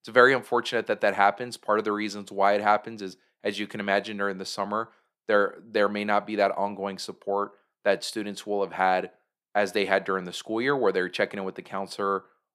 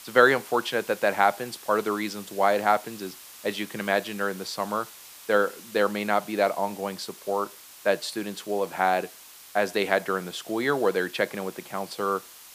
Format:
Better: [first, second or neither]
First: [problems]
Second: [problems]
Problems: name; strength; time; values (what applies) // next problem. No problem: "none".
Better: first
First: none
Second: hiss; noticeable; throughout; 15 dB below the speech